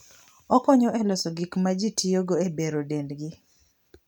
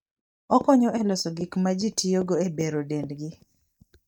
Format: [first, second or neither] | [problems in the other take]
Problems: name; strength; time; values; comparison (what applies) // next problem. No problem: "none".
first | noise reduction (neural mask model DeepFilterNet 3)